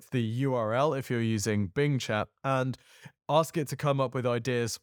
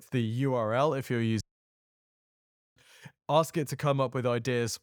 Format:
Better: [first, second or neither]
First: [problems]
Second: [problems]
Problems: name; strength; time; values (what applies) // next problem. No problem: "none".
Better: first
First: none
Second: audio cutting out; at 1.5 s for 1.5 s